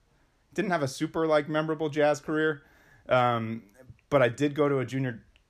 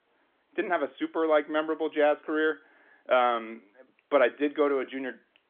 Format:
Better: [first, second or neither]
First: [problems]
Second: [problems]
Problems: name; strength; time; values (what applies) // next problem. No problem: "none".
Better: first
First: none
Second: phone-call audio; nothing above 3.5 kHz